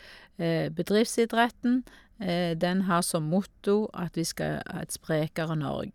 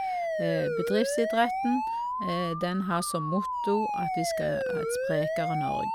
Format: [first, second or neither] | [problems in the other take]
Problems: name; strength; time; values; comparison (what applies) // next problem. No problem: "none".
first | background sound (Siren); as loud as the speech